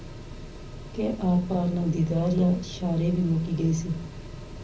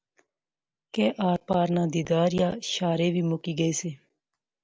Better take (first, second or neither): second